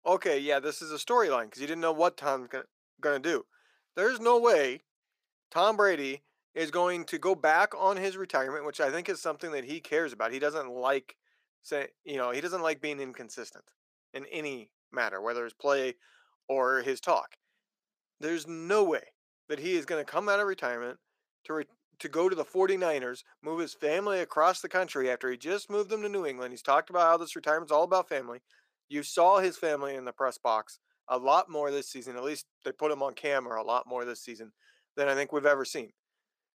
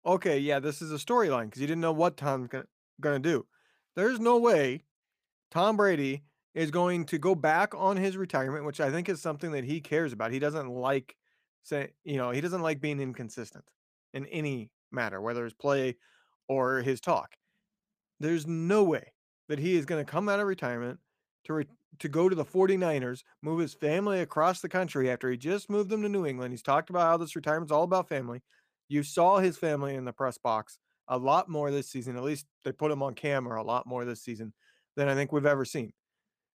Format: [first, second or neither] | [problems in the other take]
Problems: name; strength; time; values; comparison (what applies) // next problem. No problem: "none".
second | thin; somewhat; fading below 450 Hz